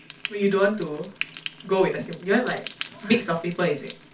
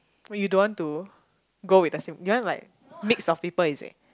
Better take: second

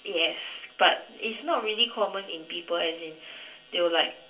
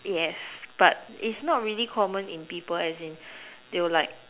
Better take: second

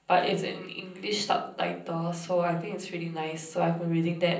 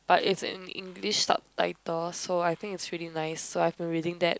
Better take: second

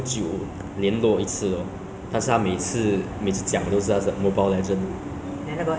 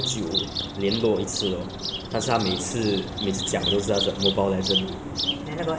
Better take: first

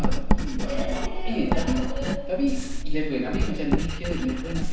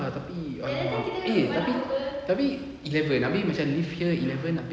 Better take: second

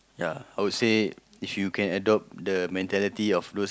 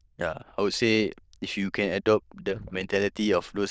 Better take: first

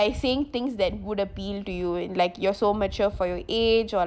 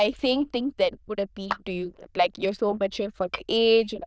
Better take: first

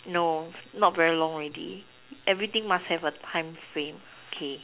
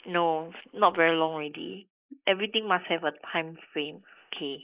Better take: first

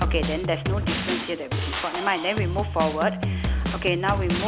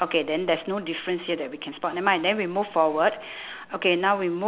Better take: second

